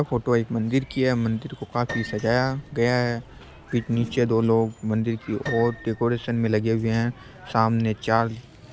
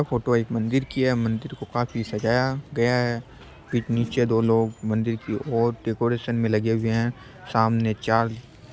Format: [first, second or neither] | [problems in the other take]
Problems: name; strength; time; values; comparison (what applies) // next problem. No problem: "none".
second | background sound (Piano); 17 dB below the speech